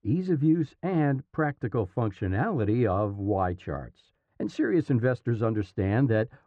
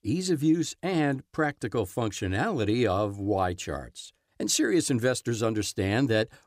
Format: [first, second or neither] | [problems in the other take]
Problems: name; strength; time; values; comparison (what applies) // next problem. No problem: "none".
second | muffled; very; fading above 1.5 kHz